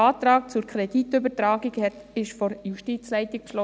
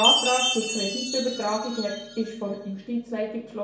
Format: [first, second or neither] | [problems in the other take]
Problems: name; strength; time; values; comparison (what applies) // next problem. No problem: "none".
first | background sound (Chime); 1 dB below the speech // room echo; dies away in 0.6 s